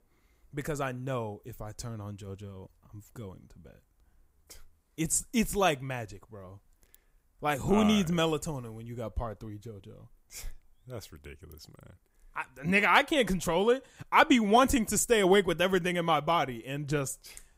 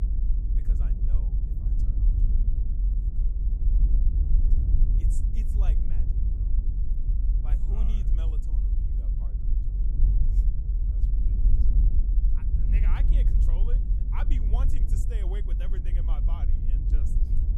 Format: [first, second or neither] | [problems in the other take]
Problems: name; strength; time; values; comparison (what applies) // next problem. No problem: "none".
first | low rumble; loud; throughout; 1 dB below the speech